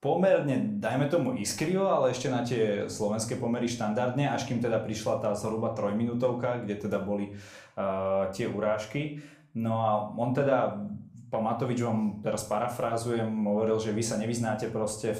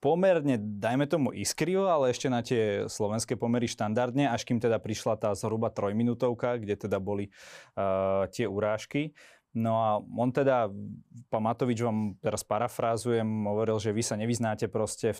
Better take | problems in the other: second | room echo; slight; dies away in 0.4 s // off-mic speech; somewhat distant

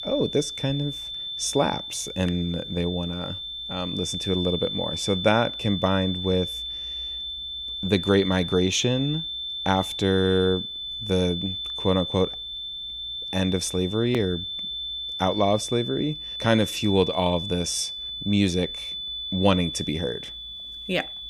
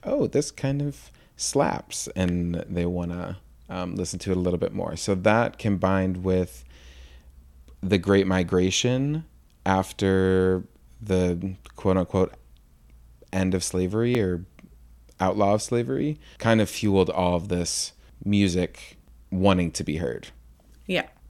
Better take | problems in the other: second | high-pitched whine; loud; throughout; 3.5 kHz, 5 dB below the speech

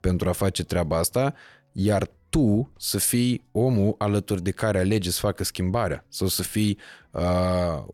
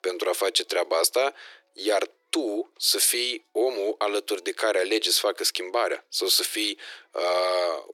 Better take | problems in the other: first | thin; very; fading below 350 Hz

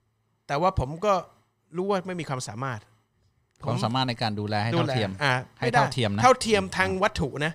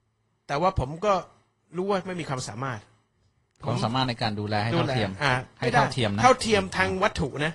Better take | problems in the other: first | garbled, watery; slightly; nothing above 10 kHz

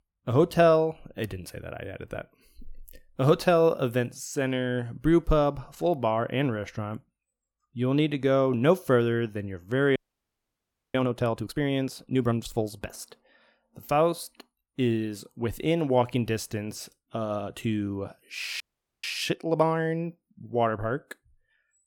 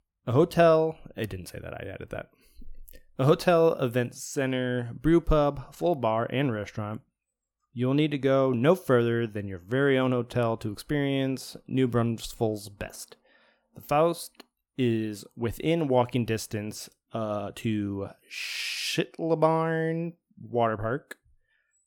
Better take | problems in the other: second | audio freezing; at 10 s for 1 s and at 19 s

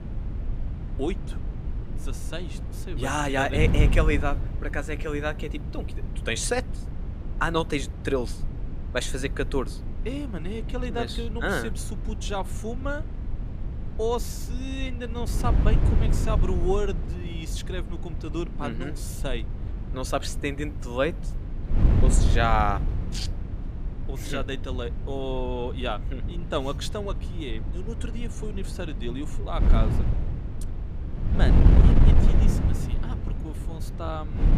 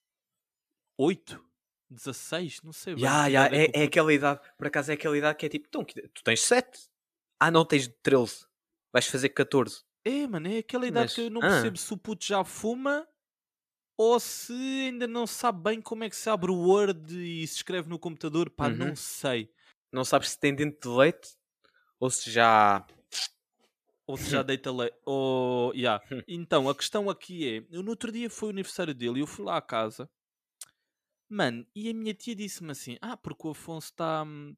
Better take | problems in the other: second | wind noise on the microphone; heavy; 10 dB below the speech

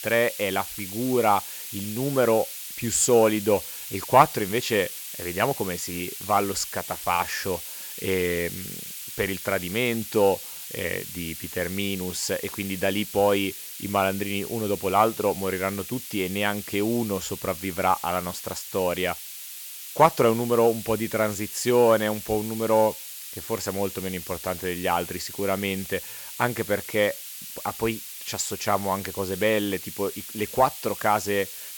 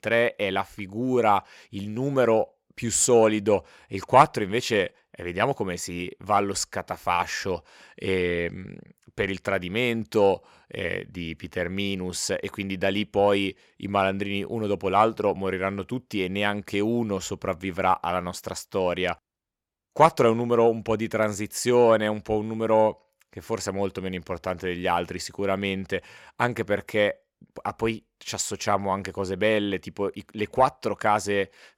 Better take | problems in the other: second | hiss; loud; throughout; 9 dB below the speech

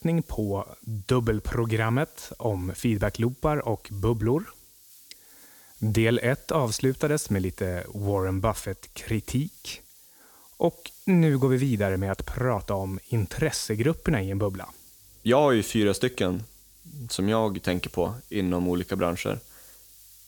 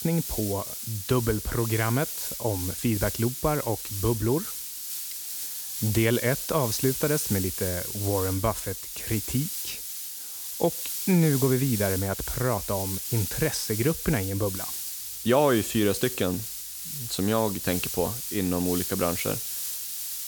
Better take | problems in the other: first | hiss; loud; throughout; 4 dB below the speech; faint in the first

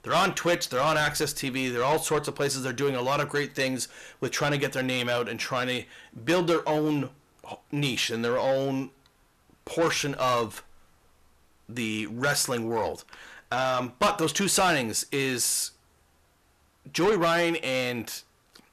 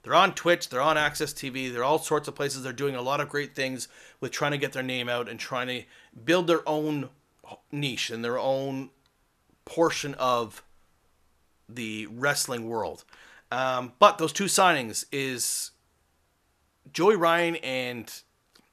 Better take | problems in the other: second | distortion; heavy; 7 dB below the speech

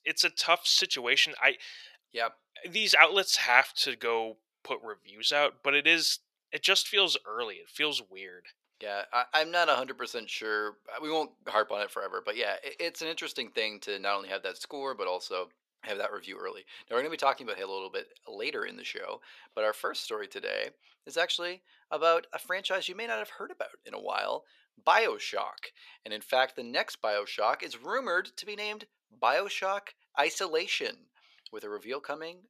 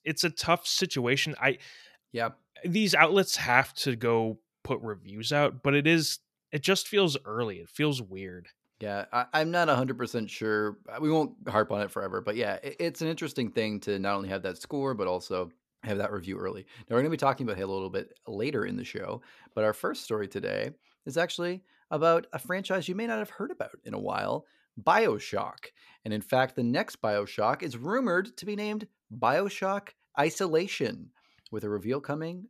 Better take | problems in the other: second | thin; very; fading below 550 Hz

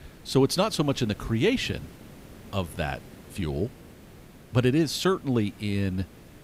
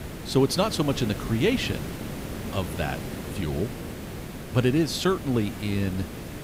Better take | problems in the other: first | hiss; loud; throughout; 9 dB below the speech; faint in the first

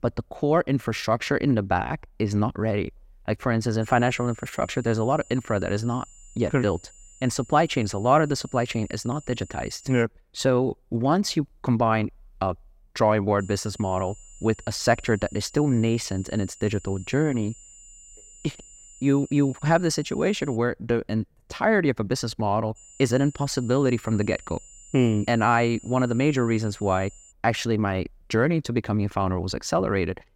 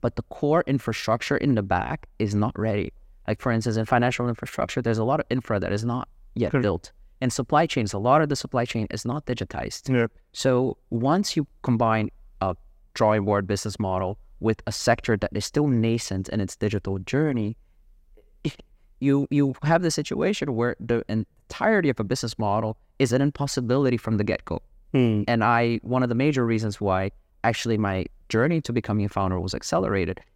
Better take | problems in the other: second | high-pitched whine; faint; from 4 to 10 s, from 13 to 21 s and from 23 to 27 s; 7 kHz, 20 dB below the speech

